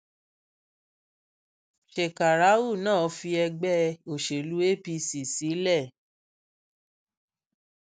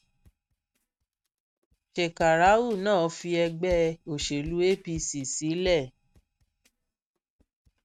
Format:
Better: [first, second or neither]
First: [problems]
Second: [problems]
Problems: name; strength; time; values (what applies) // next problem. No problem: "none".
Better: first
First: none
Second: noise reduction (neural mask model RNNoise)